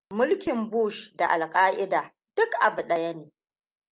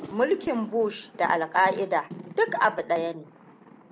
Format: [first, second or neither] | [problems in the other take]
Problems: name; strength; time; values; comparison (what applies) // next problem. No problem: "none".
first | background sound (Thunder); 17 dB below the speech